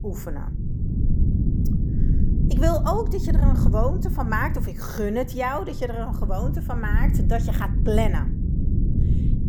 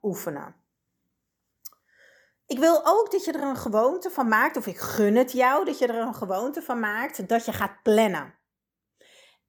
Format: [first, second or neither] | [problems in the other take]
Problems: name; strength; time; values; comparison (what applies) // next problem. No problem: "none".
second | low rumble; loud; throughout; 9 dB below the speech